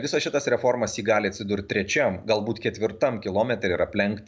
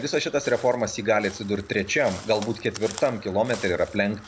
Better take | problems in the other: first | background sound (Crow); 18 dB below the speech

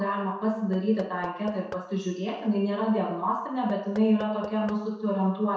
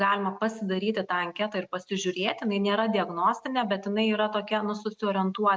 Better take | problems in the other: second | noise reduction (neural separator model SepFormer DNS4)

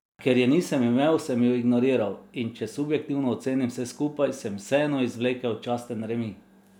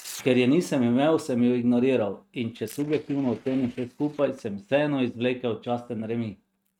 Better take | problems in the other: first | noise reduction (neural mask model RNNoise)

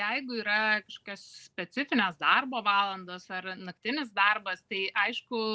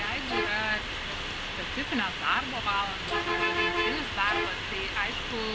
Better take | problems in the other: first | background sound (Bus); 2 dB above the speech

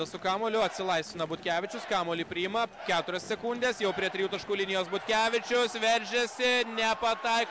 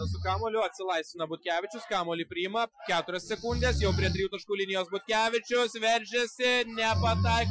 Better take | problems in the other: first | noise reduction (classical method Wiener filter)

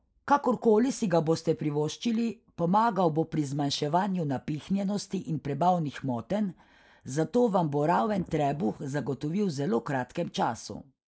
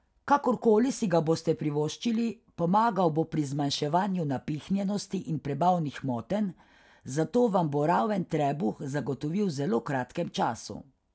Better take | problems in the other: second | noise reduction (neural mask model Resemble Enhance denoiser)

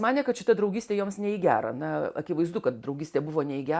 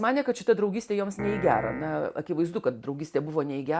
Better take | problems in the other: first | background sound (Piano); 9 dB below the speech

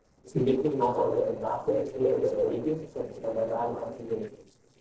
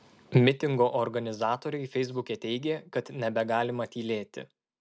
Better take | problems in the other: second | noise reduction (neural separator model SepFormer DNS4)

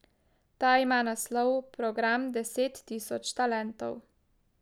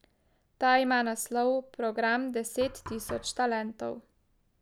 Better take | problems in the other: first | background sound (Knock); 19 dB below the speech

